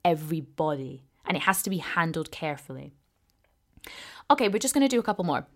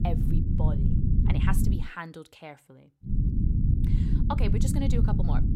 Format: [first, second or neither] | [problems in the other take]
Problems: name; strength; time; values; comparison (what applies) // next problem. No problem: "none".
first | low rumble; loud; until 2 s and from 3 s on; 1 dB below the speech